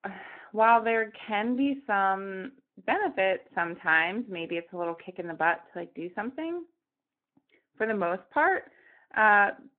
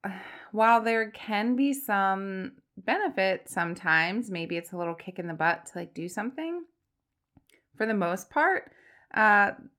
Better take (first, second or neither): second